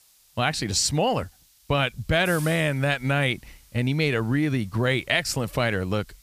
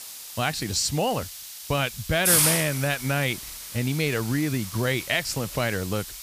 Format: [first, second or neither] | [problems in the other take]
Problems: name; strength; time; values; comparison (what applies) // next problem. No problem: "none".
first | hiss; loud; throughout; 2 dB below the speech; faint in the first